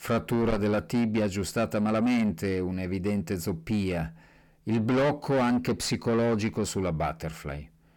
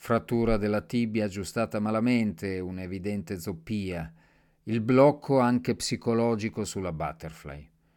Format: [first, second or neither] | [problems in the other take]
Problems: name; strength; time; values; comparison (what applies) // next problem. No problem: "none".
second | distortion; heavy; 7 dB below the speech